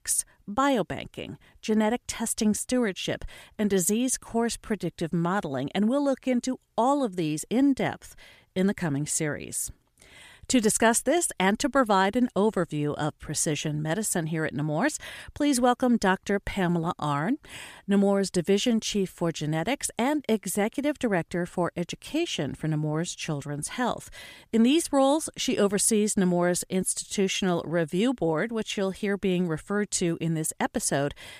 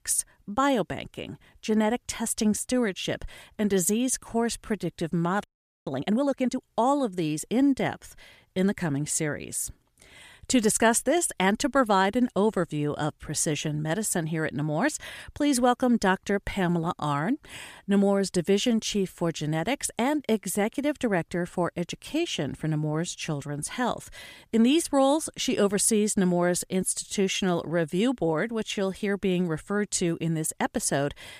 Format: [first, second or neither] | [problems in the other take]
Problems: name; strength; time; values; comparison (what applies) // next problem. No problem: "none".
first | audio freezing; at 5.5 s